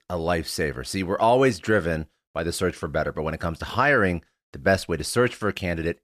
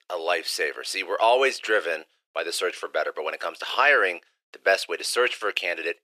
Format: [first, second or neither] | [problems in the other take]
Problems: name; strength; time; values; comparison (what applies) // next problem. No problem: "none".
first | thin; very; fading below 400 Hz